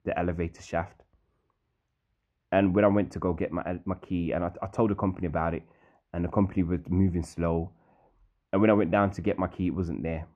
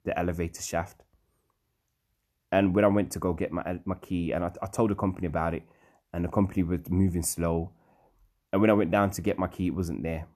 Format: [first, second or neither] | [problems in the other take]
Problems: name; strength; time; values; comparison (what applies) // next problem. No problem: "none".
second | muffled; slightly; fading above 3 kHz